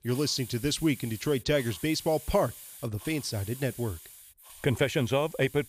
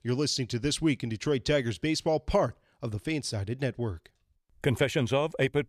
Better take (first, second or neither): second